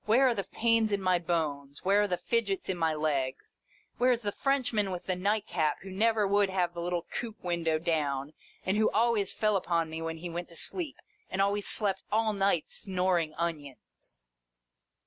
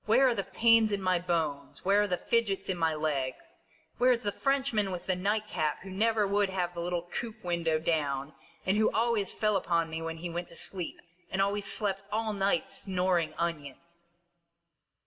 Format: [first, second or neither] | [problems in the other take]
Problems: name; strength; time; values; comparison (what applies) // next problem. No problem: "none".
first | room echo; dies away in 0.7 s